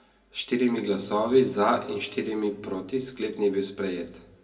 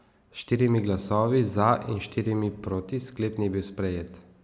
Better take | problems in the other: second | room echo; dies away in 0.2 s

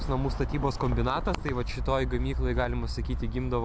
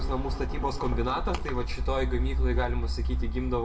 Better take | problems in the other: first | room echo; dies away in 0.4 s

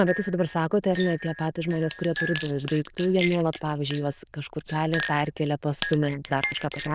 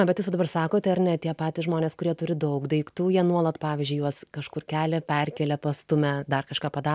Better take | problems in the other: second | noise reduction (neural diffusion model UNIVERSE++)

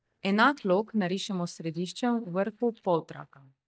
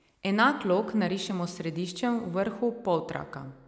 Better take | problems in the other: second | noise reduction (neural mask model DeepFilterNet 3)

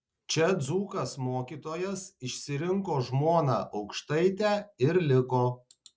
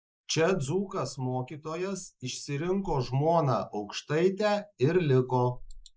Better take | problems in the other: first | noise reduction (neural mask model Resemble Enhance denoiser)

